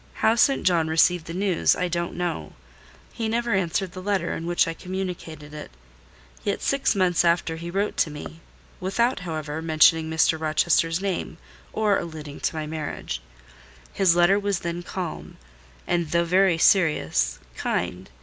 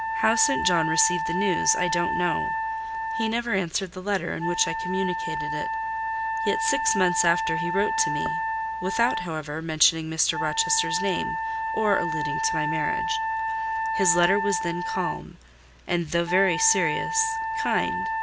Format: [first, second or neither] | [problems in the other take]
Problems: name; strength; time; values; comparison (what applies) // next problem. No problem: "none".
first | background sound (Wind instrument, woodwind instrument); 1 dB below the speech